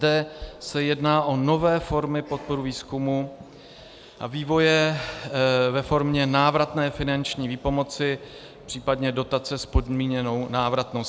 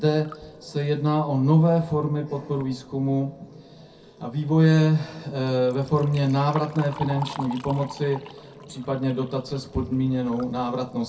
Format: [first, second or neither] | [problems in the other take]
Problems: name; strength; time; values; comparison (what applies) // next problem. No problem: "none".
first | background sound (Liquid); 19 dB below the speech // room echo; dies away in 0.3 s